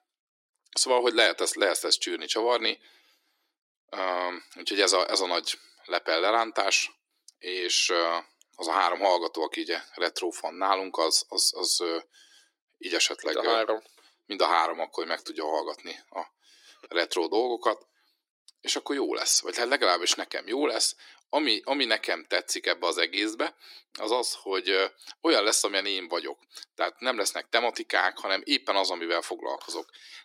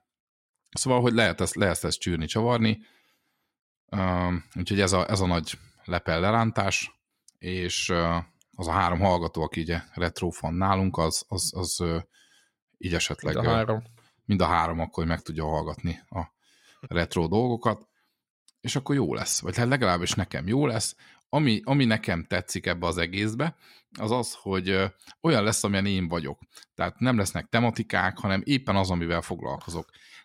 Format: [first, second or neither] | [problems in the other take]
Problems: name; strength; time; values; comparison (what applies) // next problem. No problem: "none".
second | thin; very; fading below 300 Hz